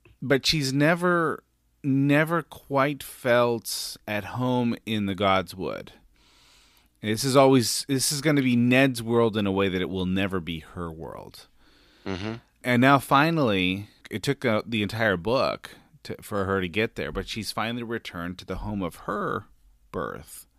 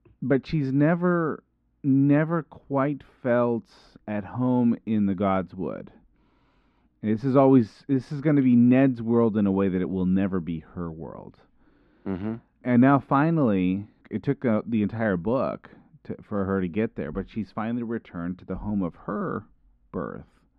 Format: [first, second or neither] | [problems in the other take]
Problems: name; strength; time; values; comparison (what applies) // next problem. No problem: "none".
first | muffled; very; fading above 1.5 kHz